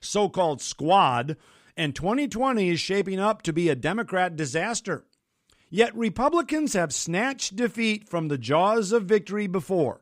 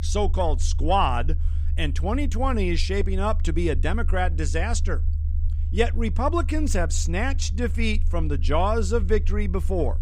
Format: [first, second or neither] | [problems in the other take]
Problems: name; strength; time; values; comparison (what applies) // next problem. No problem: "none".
first | low rumble; noticeable; throughout; 20 dB below the speech